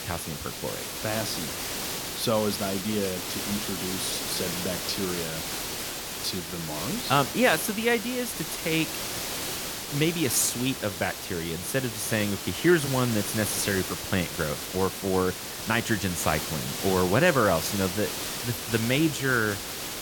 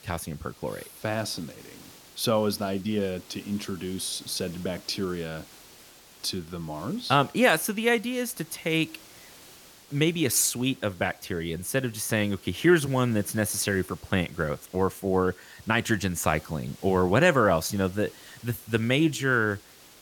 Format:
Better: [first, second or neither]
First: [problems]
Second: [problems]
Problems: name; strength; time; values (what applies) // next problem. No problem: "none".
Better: second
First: hiss; loud; throughout; 4 dB below the speech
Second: hiss; faint; throughout; 20 dB below the speech